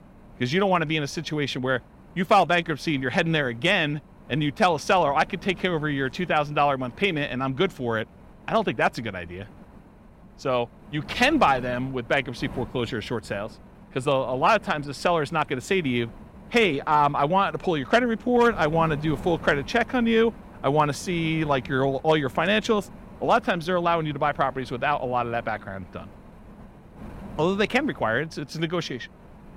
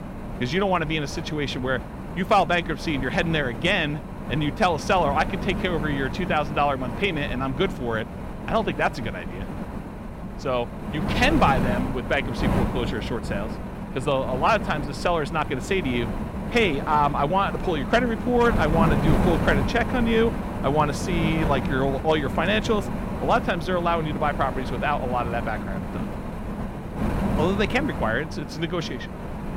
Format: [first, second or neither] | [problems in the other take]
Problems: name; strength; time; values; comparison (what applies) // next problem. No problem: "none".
first | wind noise on the microphone; heavy; 9 dB below the speech; occasional gusts in the first